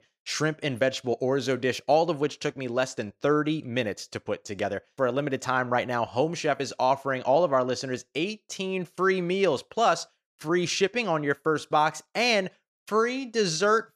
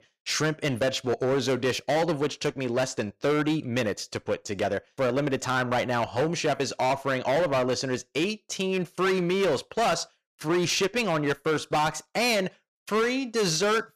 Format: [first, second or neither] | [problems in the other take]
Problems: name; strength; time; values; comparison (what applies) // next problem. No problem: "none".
first | distortion; heavy; 15% of the sound clipped